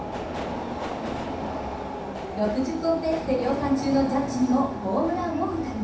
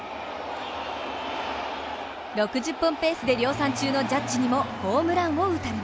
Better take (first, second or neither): second